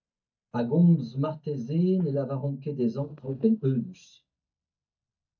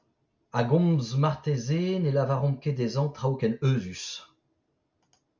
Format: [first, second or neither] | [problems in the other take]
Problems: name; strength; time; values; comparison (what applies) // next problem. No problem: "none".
second | noise reduction (neural mask model DeepFilterNet 3)